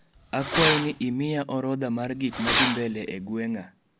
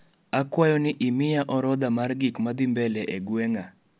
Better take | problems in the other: second | background sound (Fireworks); 1 dB below the speech

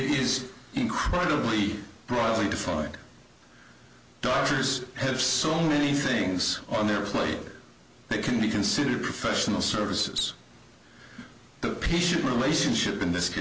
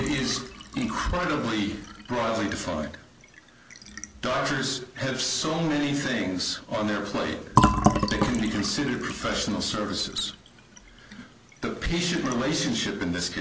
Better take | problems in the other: first | background sound (Fill (with liquid)); 4 dB below the speech

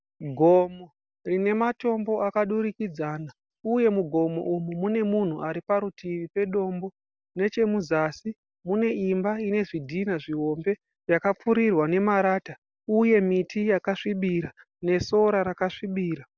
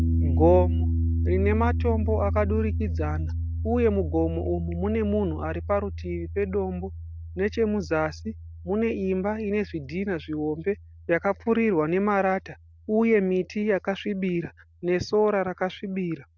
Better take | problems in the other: first | background sound (Piano); 4 dB below the speech

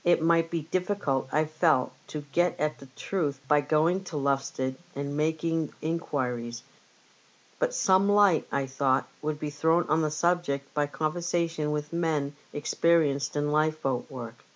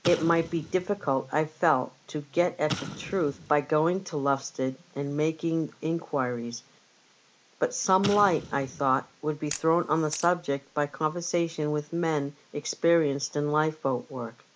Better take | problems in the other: first | background sound (Camera + Explosion); 13 dB below the speech

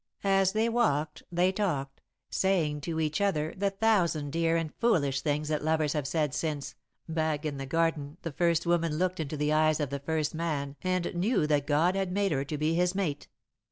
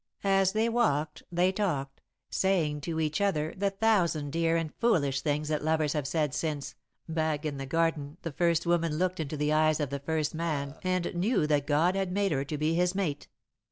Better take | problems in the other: first | background sound (Burping, eructation); 19 dB below the speech

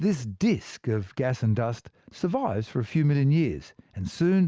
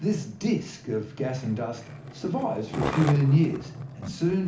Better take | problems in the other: first | background sound (Skateboard); 11 dB below the speech // room echo; dies away in 0.4 s

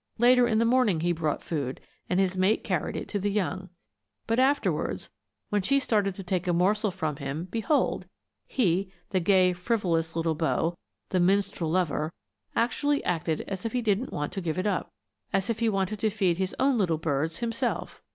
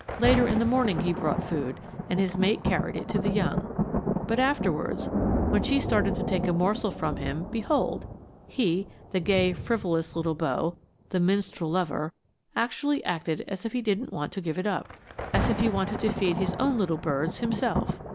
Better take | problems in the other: first | background sound (Thunder); 4 dB below the speech

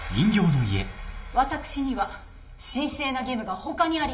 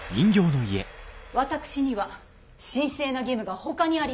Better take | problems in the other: second | room echo; dies away in 0.9 s

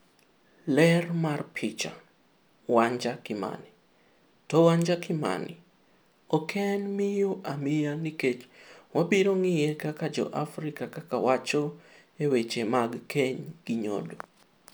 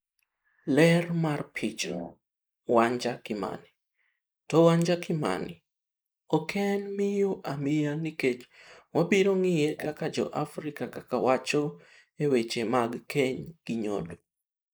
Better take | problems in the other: first | noise reduction (neural mask model Resemble Enhance denoiser)

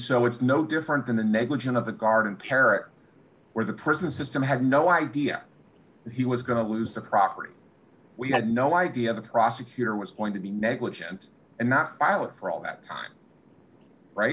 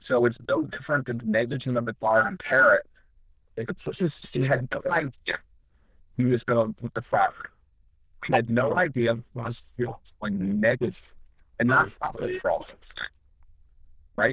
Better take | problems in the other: first | noise reduction (neural diffusion model UNIVERSE++)

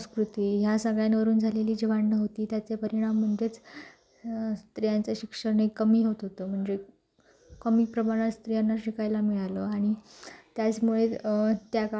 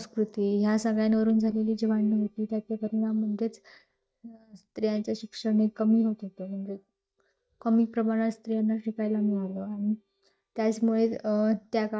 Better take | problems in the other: first | noise reduction (neural mask model DeepFilterNet 3)

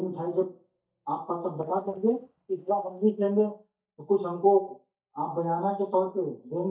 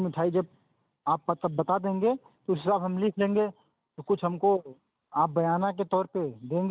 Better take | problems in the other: second | noise reduction (neural mask model DeepFilterNet 3)

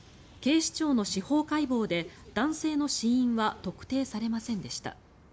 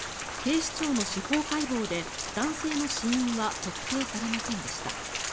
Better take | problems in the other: first | background sound (Rain); 4 dB below the speech

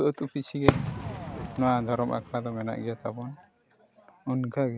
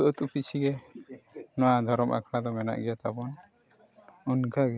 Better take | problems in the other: second | background sound (Fireworks); 3 dB below the speech

